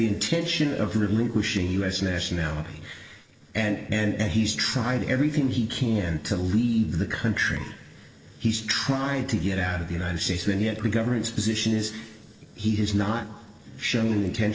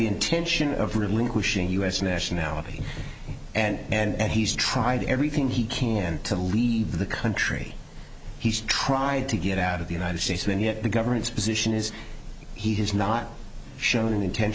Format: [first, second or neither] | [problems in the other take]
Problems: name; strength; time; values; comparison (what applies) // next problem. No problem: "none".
second | noise reduction (neural separator model SepFormer DNS4)